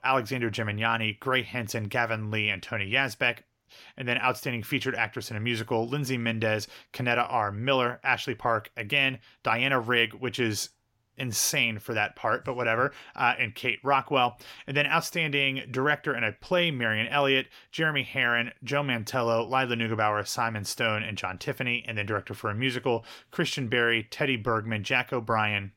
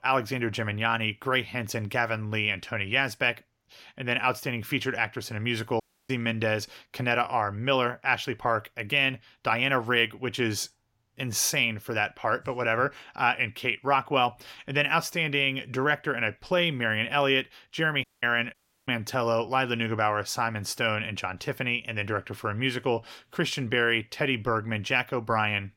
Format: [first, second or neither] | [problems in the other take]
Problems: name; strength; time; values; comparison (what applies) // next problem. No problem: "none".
first | audio cutting out; at 6 s, at 18 s and at 19 s